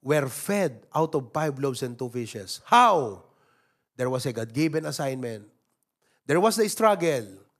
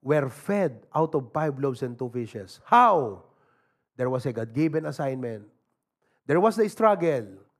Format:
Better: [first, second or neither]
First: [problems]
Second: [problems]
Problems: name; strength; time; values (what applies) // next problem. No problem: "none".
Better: first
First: none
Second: muffled; slightly; fading above 2.5 kHz